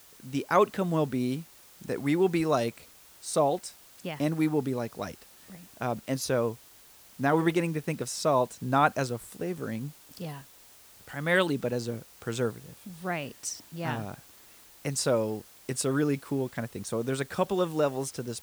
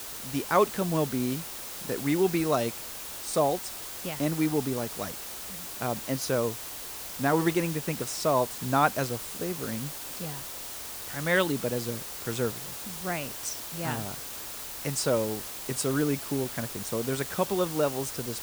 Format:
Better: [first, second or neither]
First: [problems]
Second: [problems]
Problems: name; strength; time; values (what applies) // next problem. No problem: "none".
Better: first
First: hiss; faint; throughout; 20 dB below the speech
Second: hiss; loud; throughout; 6 dB below the speech